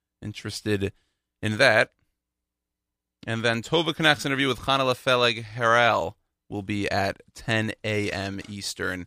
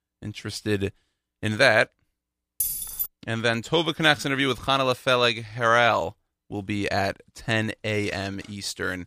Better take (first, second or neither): first